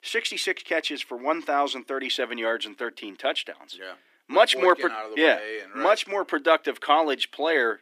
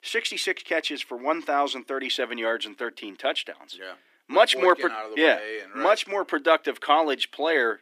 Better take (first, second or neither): neither